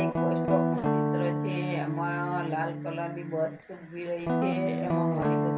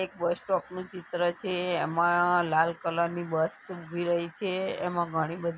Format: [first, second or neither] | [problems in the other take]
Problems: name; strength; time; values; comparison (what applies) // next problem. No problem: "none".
second | background sound (Guitar); 4 dB above the speech // room echo; dies away in 0.3 s